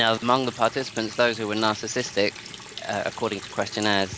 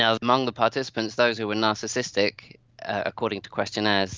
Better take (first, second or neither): second